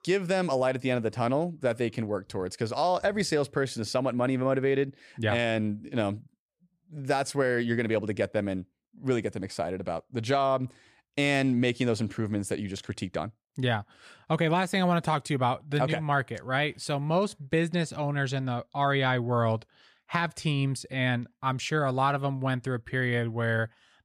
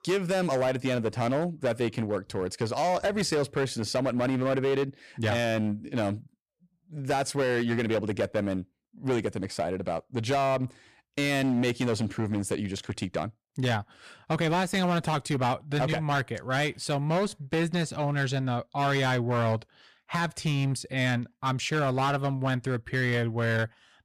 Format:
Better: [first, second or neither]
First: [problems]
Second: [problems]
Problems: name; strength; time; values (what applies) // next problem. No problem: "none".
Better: first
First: none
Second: distortion; slight; 12% of the sound clipped